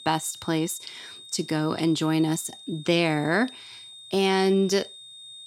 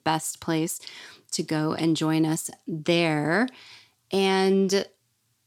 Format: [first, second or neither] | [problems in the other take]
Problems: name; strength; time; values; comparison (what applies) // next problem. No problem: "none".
second | high-pitched whine; noticeable; throughout; 3.5 kHz, 15 dB below the speech